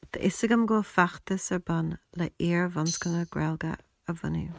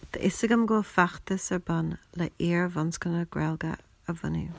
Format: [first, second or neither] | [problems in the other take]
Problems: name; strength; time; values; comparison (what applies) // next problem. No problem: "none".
second | noise reduction (neural mask model RNNoise)